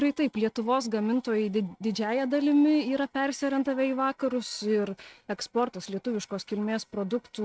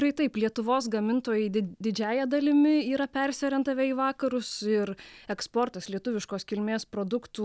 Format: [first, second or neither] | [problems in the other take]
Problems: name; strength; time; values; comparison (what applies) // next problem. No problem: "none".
second | noise reduction (neural mask model RNNoise)